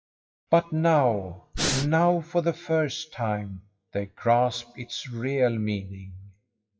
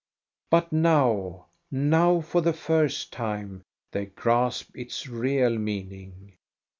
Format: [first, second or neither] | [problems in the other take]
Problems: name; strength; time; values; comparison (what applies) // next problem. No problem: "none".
second | noise reduction (classical method WPE with log-MMSE)